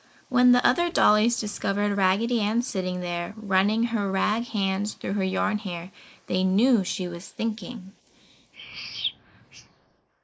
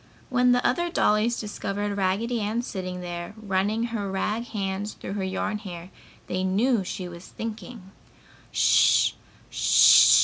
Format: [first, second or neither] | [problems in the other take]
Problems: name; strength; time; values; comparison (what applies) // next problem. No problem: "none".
second | noise reduction (neural mask model Resemble Enhance denoiser)